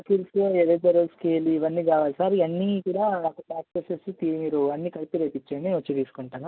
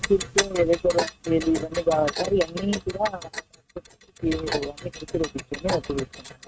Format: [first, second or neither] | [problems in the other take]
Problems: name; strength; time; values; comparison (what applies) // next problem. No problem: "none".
first | noise reduction (neural mask model RNNoise)